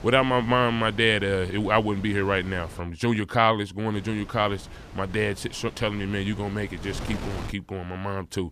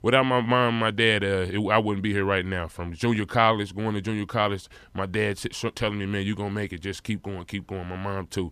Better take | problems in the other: second | wind noise on the microphone; occasional gusts; until 3 s and from 4 to 7.5 s; 20 dB below the speech

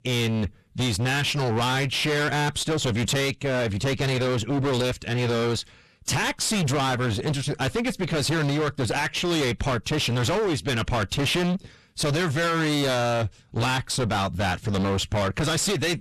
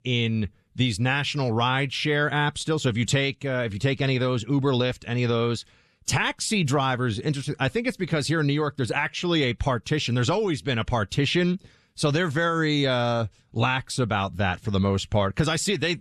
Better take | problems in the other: second | distortion; heavy; 36% of the sound clipped

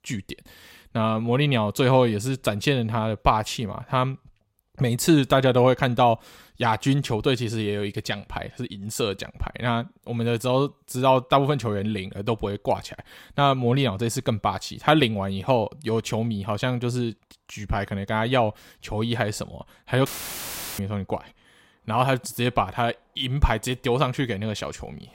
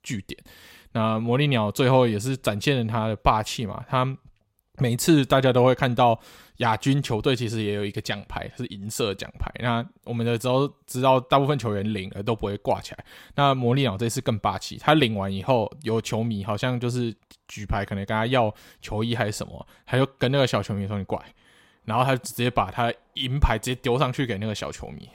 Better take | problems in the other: second | audio cutting out; filled with static; at 20 s for 0.5 s

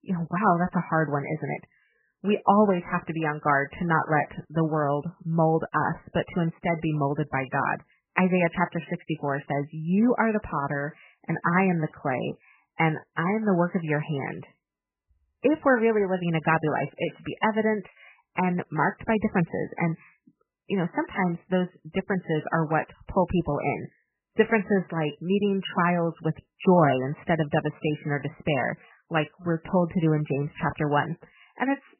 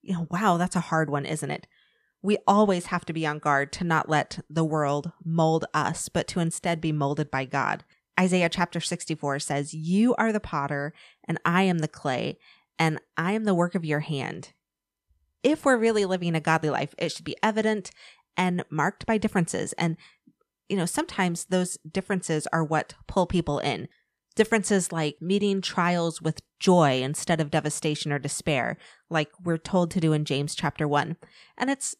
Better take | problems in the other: second | garbled, watery; badly; nothing above 3 kHz

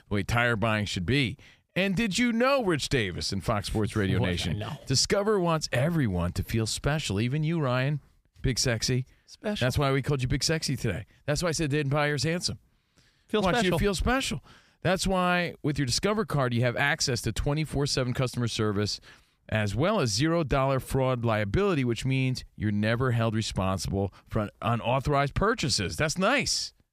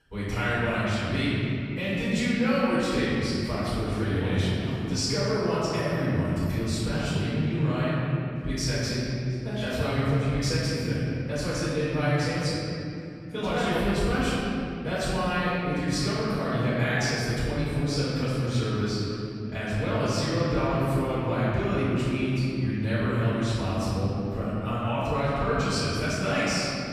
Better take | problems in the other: first | off-mic speech; far // room echo; strong; dies away in 3 s

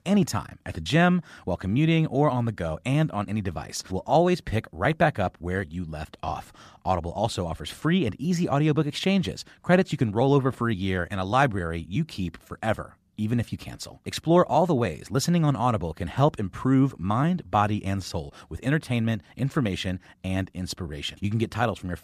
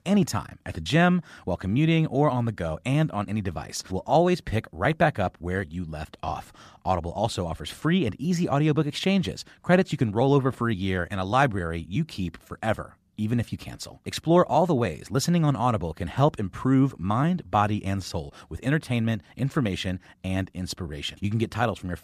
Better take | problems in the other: neither | none

